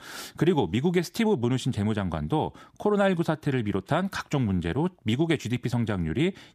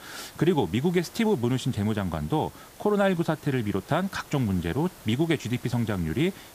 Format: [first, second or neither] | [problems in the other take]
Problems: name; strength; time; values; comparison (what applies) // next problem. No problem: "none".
first | hiss; faint; throughout; 20 dB below the speech